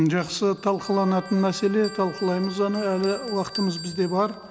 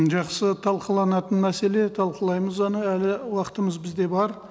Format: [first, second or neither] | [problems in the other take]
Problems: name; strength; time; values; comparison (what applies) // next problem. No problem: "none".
second | background sound (Bell + Trumpet); 16 dB below the speech